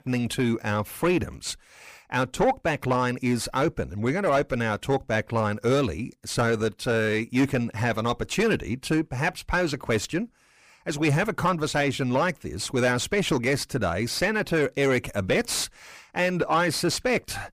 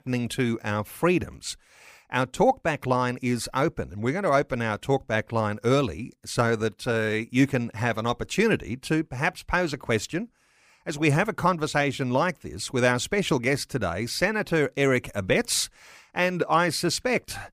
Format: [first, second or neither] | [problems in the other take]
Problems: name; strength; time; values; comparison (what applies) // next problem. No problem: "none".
second | distortion; slight; 10 dB below the speech